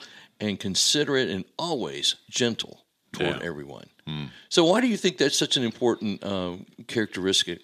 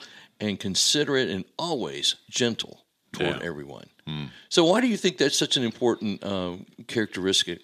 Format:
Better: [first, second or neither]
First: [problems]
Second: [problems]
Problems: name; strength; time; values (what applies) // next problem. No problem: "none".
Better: neither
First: thin; somewhat; fading below 300 Hz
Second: thin; somewhat; fading below 300 Hz